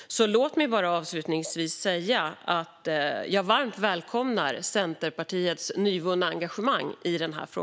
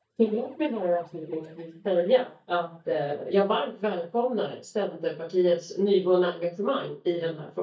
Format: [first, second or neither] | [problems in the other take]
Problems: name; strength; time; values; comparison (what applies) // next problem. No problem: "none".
first | noise reduction (neural mask model DeepFilterNet 3)